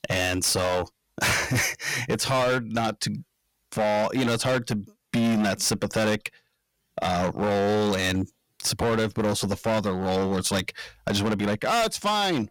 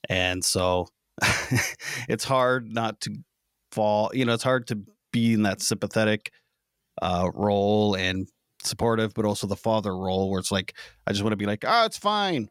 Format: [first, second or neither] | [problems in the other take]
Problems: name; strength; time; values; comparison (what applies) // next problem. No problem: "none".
second | distortion; heavy; 17% of the sound clipped